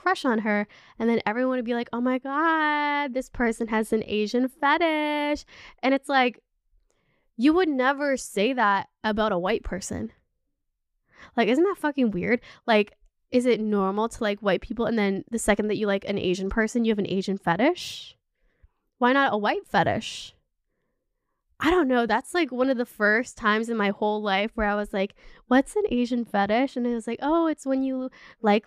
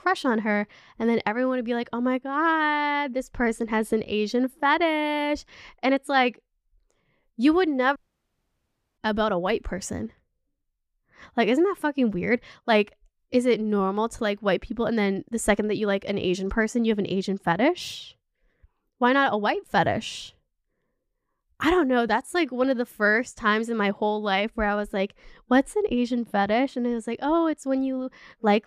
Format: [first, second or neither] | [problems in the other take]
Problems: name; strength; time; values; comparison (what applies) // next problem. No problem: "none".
first | audio cutting out; at 8 s for 1 s